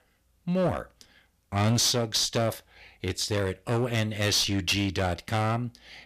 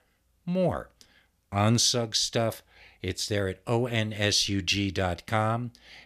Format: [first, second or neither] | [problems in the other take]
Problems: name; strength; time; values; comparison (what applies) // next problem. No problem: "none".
second | distortion; slight; 7% of the sound clipped